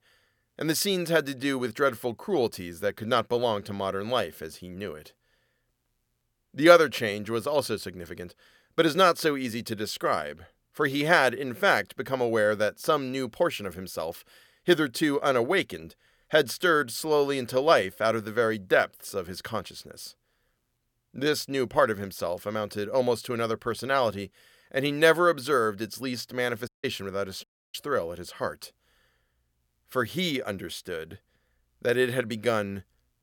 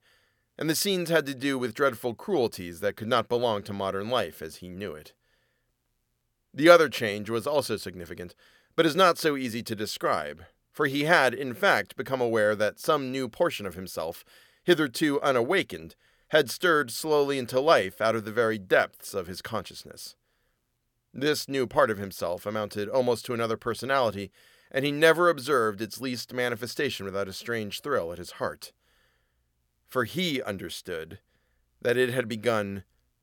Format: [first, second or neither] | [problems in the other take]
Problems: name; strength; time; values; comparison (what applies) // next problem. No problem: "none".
second | audio cutting out; at 27 s